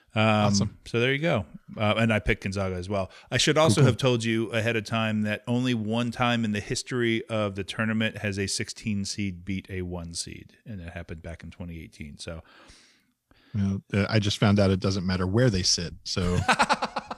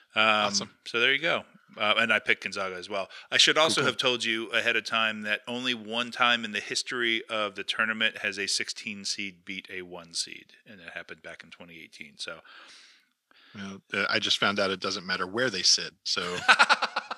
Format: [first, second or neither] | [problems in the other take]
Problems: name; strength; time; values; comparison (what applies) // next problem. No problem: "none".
first | thin; somewhat; fading below 300 Hz